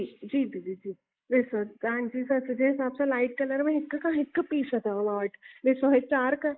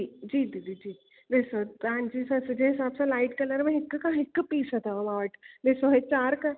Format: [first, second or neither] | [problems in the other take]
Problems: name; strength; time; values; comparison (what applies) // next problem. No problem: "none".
second | noise reduction (neural mask model Resemble Enhance denoiser)